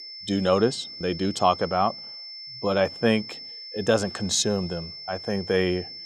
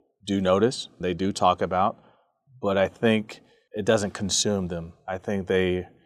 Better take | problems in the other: second | high-pitched whine; noticeable; throughout; 5.5 kHz, 10 dB below the speech

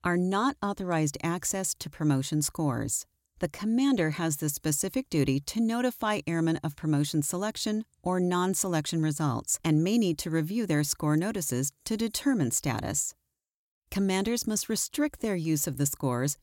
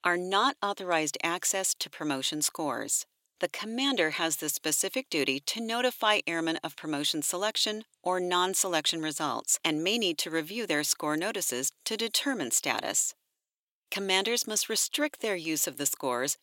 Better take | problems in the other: first | thin; somewhat; fading below 500 Hz

